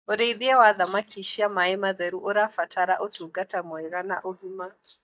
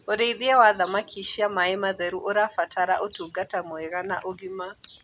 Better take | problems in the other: second | noise reduction (neural mask model DeepFilterNet 3)

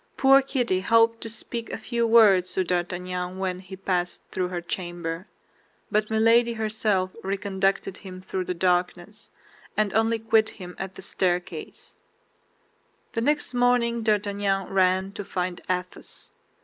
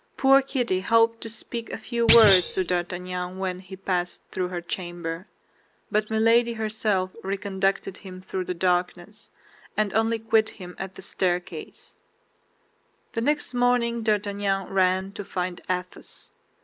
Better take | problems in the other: first | background sound (Thump, thud); 1 dB below the speech

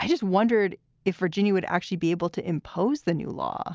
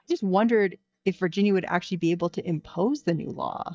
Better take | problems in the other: first | noise reduction (neural mask model DeepFilterNet 3)

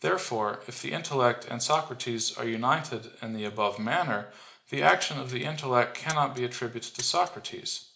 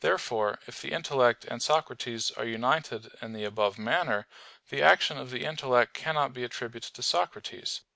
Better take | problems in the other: second | background sound (Mechanisms); 16 dB below the speech // room echo; dies away in 0.4 s

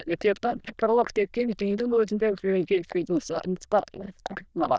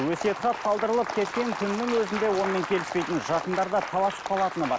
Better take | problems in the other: second | noise reduction (neural diffusion model UNIVERSE++)

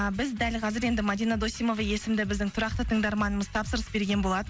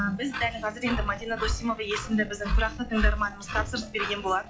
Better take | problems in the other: first | noise reduction (classical method log-MMSE)

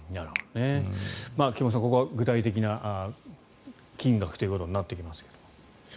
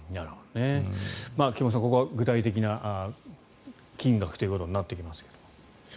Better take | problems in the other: second | background sound (Finger snapping); 15 dB below the speech

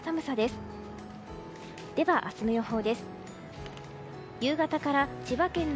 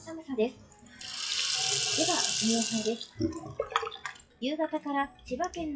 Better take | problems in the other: first | noise reduction (classical method WPE with log-MMSE)

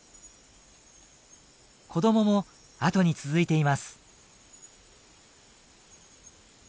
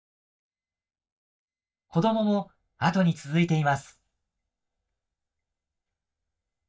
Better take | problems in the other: first | noise reduction (neural mask model DeepFilterNet 3)

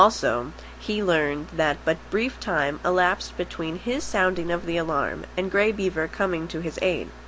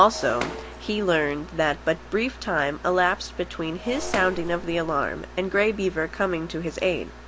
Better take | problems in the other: first | background sound (Shatter); 15 dB below the speech

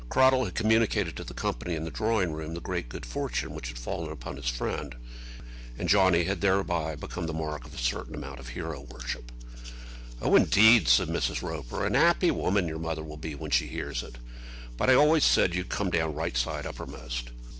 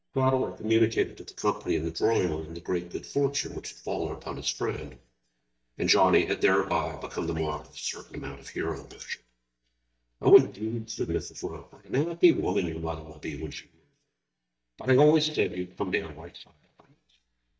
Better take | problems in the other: first | noise reduction (neural mask model DeepFilterNet 3)

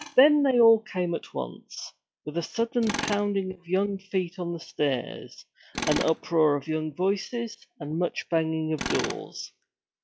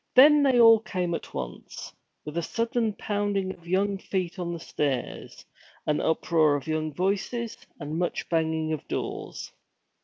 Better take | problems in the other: second | noise reduction (classical method log-MMSE)

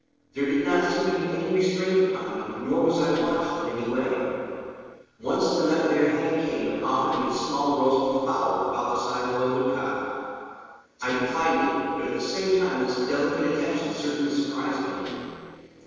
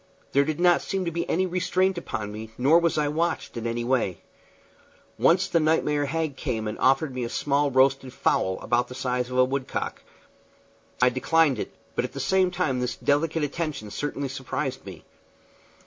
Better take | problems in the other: second | noise reduction (neural separator model SepFormer DNS4)

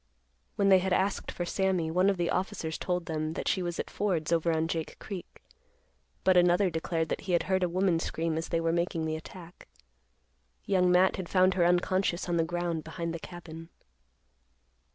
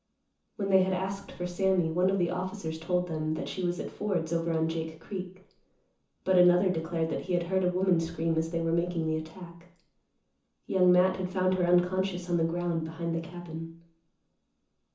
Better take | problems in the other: first | room echo; dies away in 0.9 s

